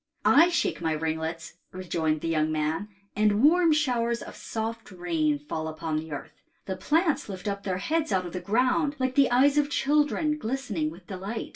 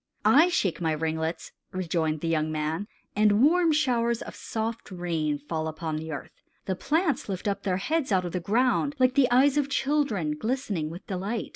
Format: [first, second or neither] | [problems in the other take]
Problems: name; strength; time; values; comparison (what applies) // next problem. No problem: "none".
second | room echo; dies away in 0.2 s